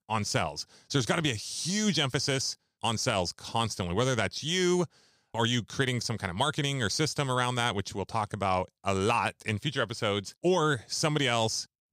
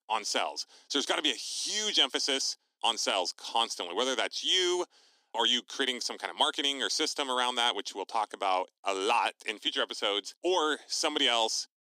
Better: first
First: none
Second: thin; somewhat; fading below 250 Hz

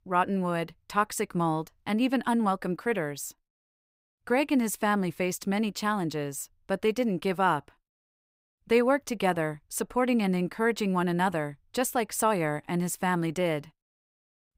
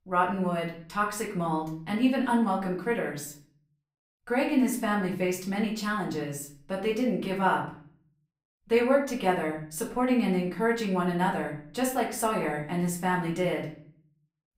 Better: first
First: none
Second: off-mic speech; far // room echo; slight; dies away in 0.5 s

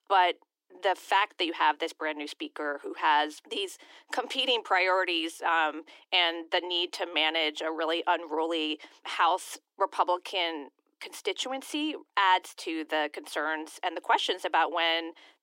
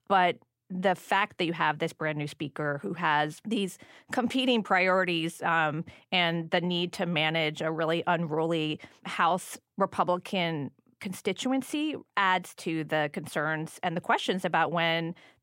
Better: second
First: thin; very; fading below 300 Hz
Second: none

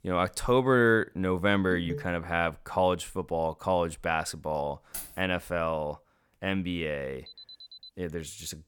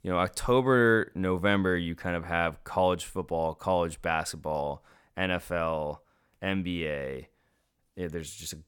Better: second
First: phone ringing; noticeable; at 1.5 s; peak 9 dB below the speech // jangling keys; noticeable; at 5 s; peak 10 dB below the speech // alarm; faint; at 7.5 s; peak 15 dB below the speech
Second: none

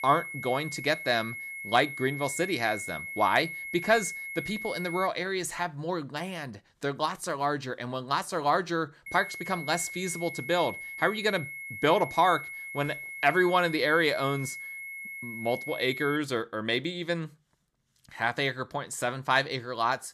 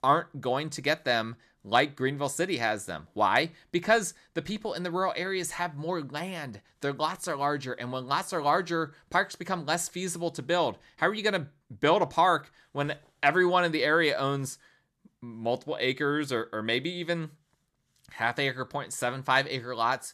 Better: second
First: high-pitched whine; loud; until 5 s and from 9 to 16 s; 2 kHz, 8 dB below the speech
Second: none

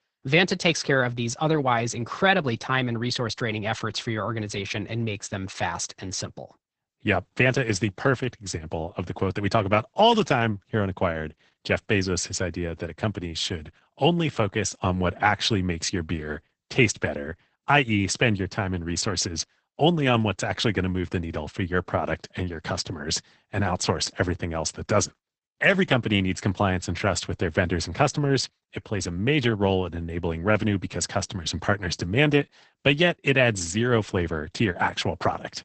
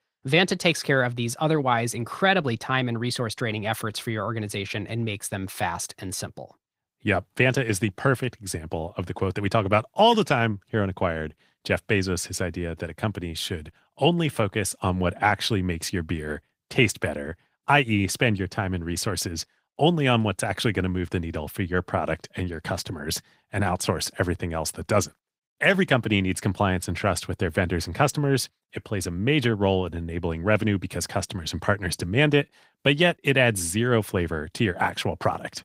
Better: second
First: garbled, watery; badly; nothing above 8 kHz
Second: garbled, watery; slightly; nothing above 15.5 kHz

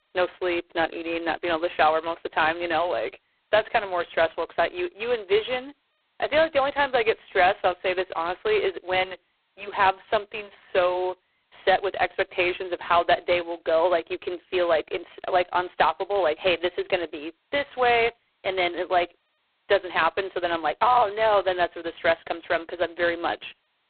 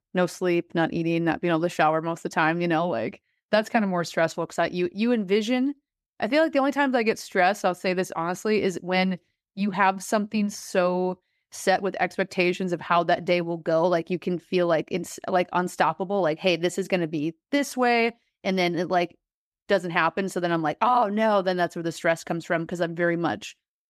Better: second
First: phone-call audio; poor line; nothing above 4 kHz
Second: none

